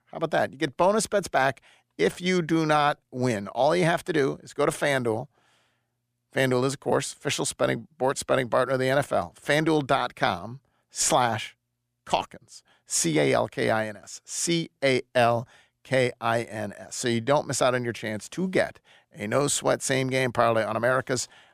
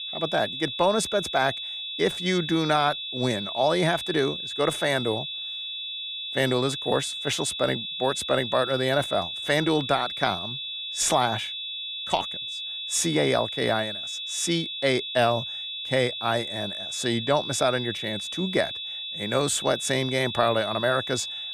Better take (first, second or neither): first